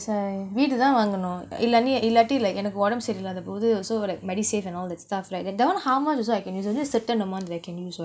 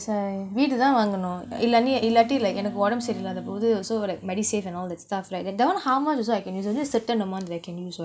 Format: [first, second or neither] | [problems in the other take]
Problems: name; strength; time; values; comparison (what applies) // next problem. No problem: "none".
first | background sound (Wind instrument, woodwind instrument); 13 dB below the speech